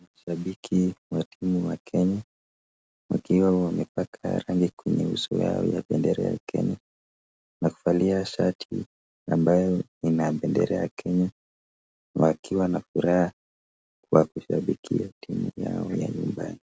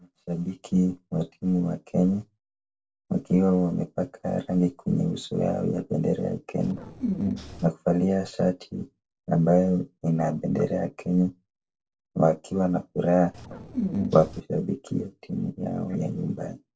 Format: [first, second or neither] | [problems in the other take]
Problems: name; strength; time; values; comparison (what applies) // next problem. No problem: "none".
first | noise reduction (neural separator model SepFormer DNS4)